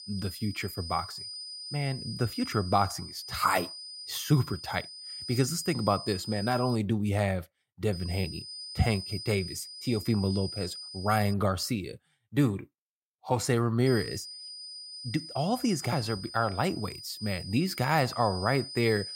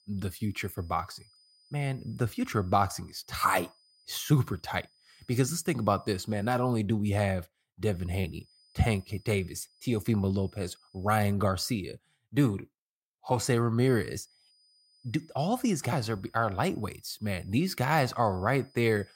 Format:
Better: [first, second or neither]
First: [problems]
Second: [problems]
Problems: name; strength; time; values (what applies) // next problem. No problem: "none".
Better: second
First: high-pitched whine; loud; until 7 s, from 8 to 11 s and from 14 s on; 5 kHz, 10 dB below the speech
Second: high-pitched whine; faint; until 7 s, from 8 to 11 s and from 14 s on; 5 kHz, 30 dB below the speech